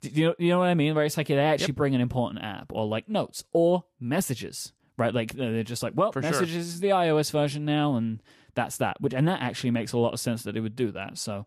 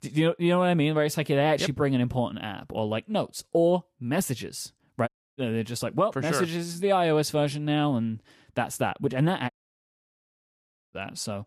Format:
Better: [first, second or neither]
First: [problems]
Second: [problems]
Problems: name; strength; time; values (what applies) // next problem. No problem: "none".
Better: first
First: none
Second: audio cutting out; at 5 s and at 9.5 s for 1.5 s